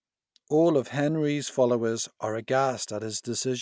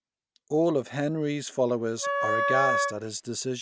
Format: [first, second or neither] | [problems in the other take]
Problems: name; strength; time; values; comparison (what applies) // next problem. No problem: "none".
first | background sound (Wind instrument, woodwind instrument); 1 dB above the speech